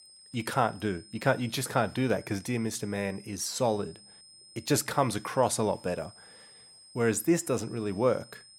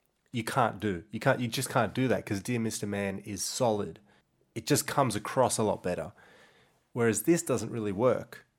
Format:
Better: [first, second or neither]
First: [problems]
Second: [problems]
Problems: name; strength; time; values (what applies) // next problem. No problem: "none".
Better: second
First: high-pitched whine; faint; throughout; 5 kHz, 20 dB below the speech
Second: none